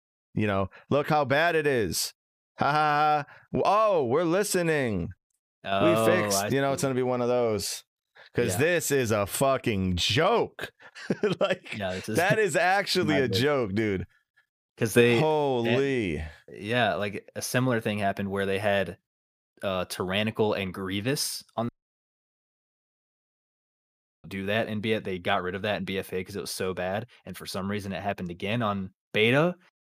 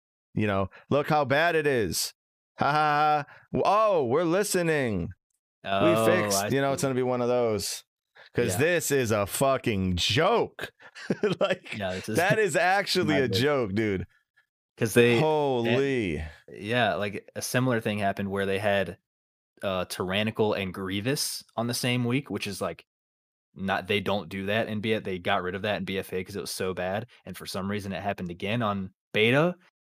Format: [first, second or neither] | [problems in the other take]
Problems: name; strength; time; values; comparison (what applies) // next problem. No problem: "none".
second | audio cutting out; at 22 s for 2.5 s